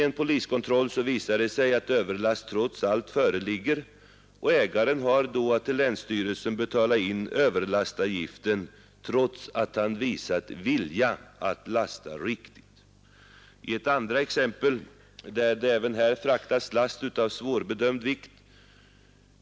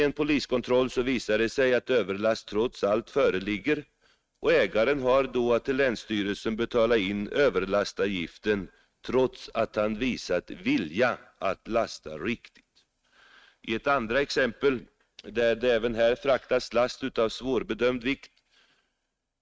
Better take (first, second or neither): first